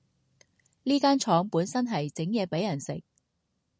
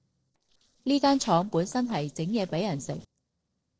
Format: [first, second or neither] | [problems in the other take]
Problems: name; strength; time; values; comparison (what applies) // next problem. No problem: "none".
first | noise reduction (neural separator model SepFormer DNS4)